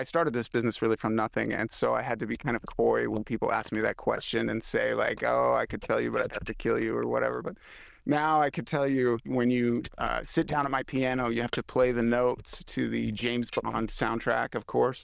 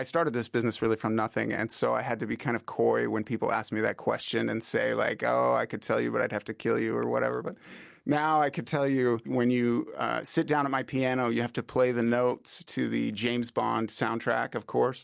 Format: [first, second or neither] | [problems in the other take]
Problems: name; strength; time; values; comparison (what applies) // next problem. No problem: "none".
second | noise reduction (neural diffusion model UNIVERSE++)